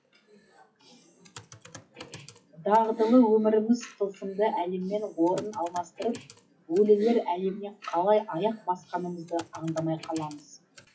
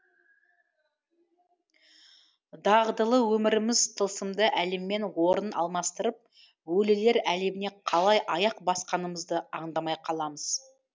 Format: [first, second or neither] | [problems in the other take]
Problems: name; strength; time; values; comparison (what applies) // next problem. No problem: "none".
second | noise reduction (classical method WPE with log-MMSE)